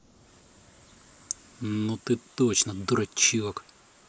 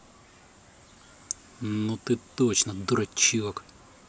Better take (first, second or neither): second